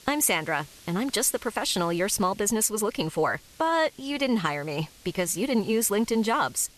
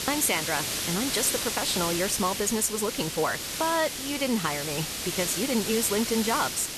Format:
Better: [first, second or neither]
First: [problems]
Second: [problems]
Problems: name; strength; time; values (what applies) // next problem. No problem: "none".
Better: first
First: hiss; faint; throughout; 25 dB below the speech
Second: hiss; loud; throughout; 2 dB below the speech